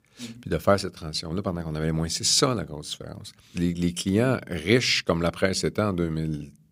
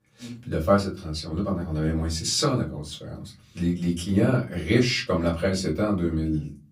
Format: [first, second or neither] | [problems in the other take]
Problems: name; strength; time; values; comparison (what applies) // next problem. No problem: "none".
first | off-mic speech; far // room echo; very slight; dies away in 0.4 s